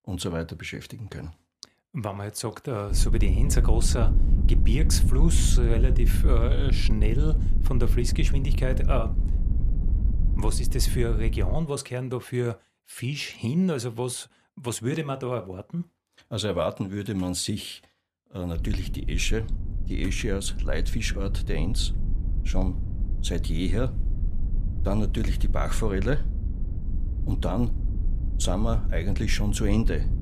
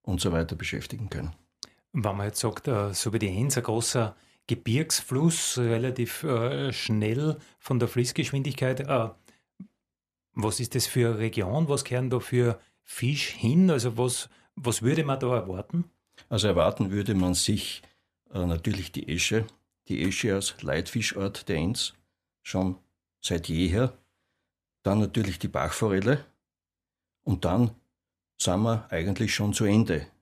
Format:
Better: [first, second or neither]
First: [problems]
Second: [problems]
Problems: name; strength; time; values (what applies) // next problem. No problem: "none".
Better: second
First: wind noise on the microphone; occasional gusts; from 3 to 12 s and from 19 s on; 10 dB below the speech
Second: none